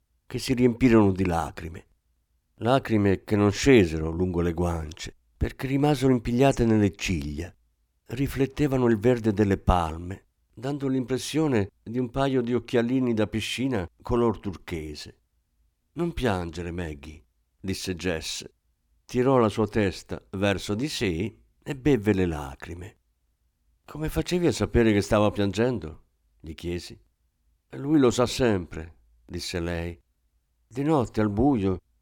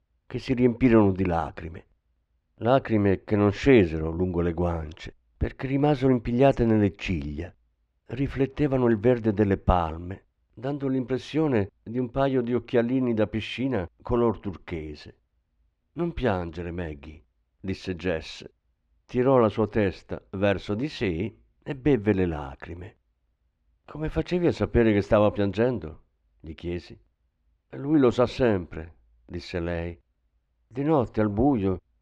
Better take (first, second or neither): first